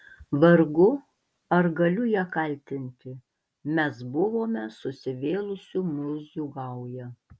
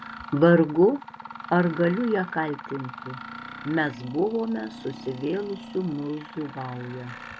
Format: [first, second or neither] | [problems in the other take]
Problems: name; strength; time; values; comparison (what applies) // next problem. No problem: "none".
first | background sound (Mechanisms); 15 dB below the speech